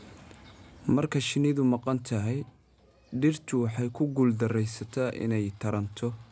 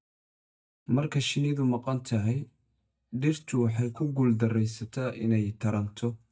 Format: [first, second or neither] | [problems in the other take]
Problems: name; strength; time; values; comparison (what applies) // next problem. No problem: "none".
first | noise reduction (neural mask model DeepFilterNet 3)